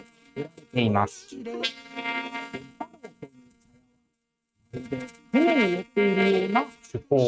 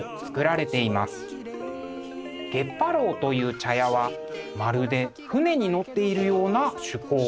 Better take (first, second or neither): second